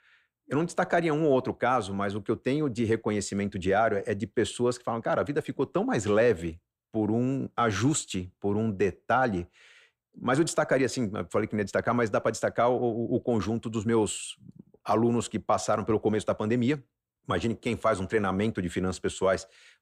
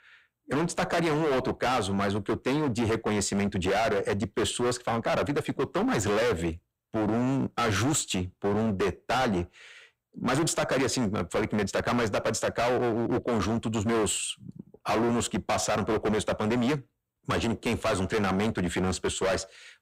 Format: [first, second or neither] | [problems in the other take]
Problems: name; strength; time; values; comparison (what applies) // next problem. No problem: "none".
first | distortion; heavy; 25% of the sound clipped